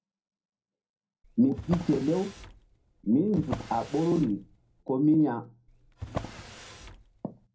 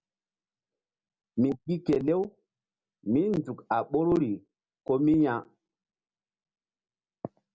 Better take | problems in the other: second | background sound (Drawer open or close); 12 dB below the speech // room echo; dies away in 0.3 s

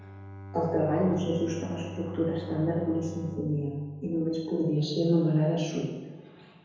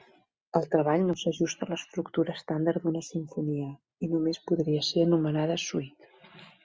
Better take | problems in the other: second | background sound (Bowed string instrument); 15 dB below the speech // room echo; dies away in 1.2 s

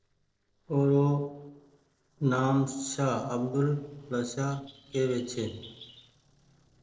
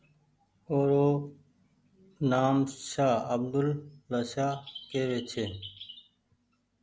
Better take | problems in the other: second | noise reduction (neural separator model SepFormer DNS4)

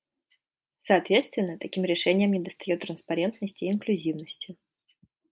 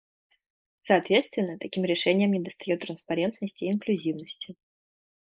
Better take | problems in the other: first | noise reduction (neural mask model Resemble Enhance denoiser)

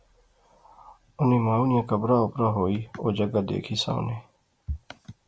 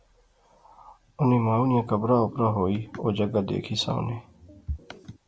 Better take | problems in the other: first | background sound (Organ); 20 dB below the speech

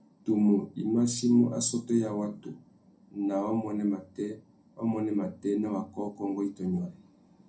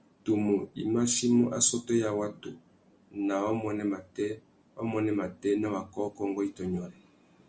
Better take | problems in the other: second | room echo; dies away in 0.2 s

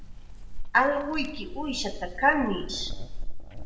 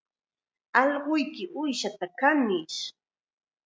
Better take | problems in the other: second | background sound (Chewing, mastication); 4 dB below the speech // room echo; dies away in 0.7 s

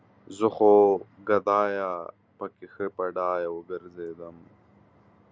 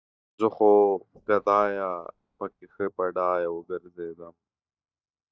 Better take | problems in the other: first | noise reduction (neural mask model DeepFilterNet 3)

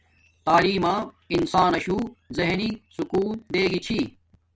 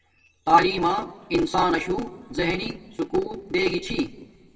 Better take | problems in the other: first | room echo; dies away in 1.6 s

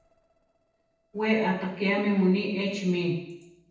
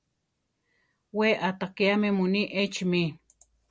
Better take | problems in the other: second | noise reduction (neural separator model SepFormer DNS4)

